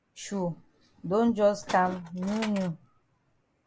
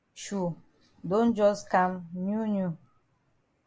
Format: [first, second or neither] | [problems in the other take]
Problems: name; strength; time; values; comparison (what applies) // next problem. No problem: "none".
second | background sound (Tools); 12 dB below the speech